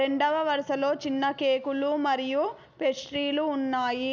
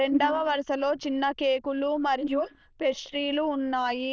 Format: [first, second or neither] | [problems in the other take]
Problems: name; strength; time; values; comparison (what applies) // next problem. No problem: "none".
first | noise reduction (neural diffusion model UNIVERSE++)